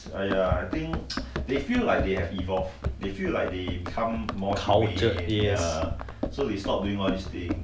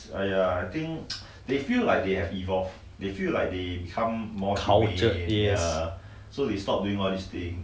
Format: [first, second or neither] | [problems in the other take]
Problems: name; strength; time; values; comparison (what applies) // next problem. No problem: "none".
second | background sound (Run); 6 dB below the speech